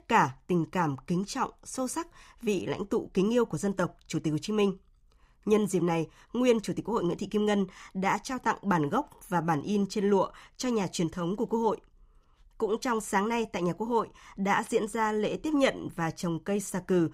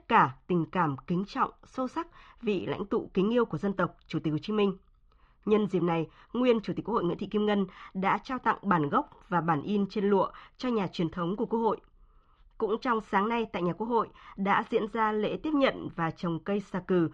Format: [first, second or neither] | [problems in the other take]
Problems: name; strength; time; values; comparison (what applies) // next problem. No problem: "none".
first | muffled; slightly; fading above 3.5 kHz